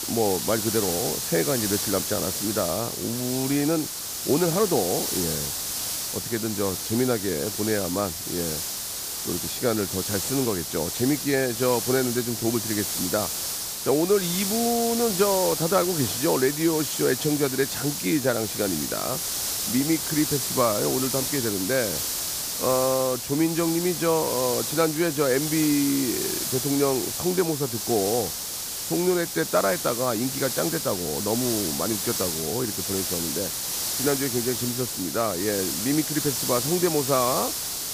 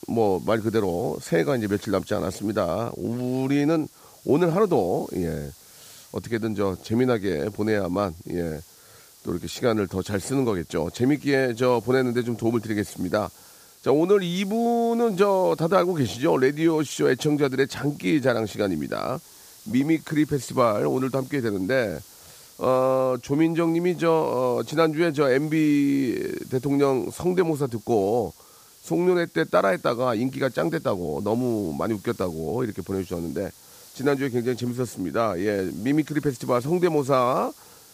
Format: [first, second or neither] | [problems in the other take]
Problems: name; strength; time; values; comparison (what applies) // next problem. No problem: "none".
second | hiss; loud; throughout; 1 dB below the speech; faint in the second